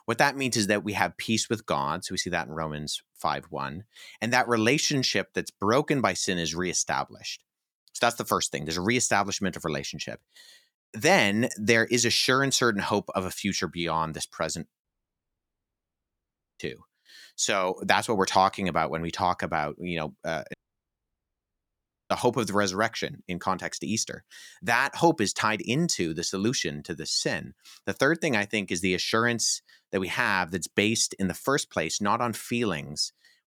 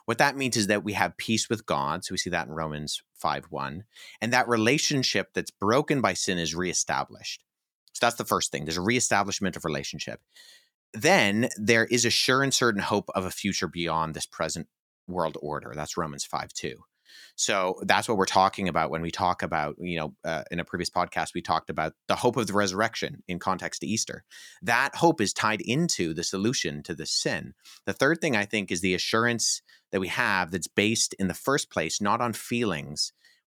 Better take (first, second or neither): second